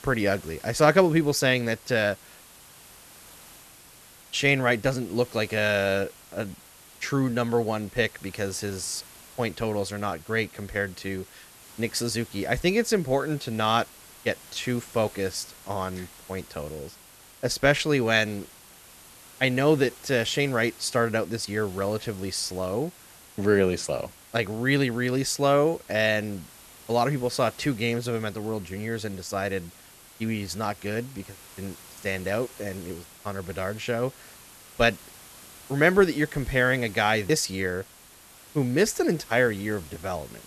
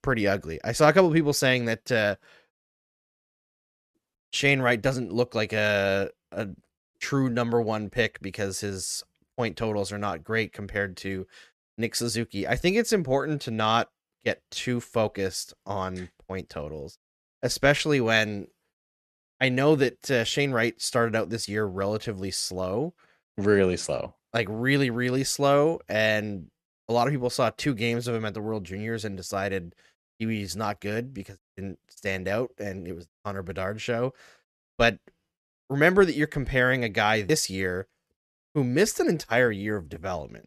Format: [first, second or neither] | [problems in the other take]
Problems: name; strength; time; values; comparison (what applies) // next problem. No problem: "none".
second | hiss; faint; throughout; 20 dB below the speech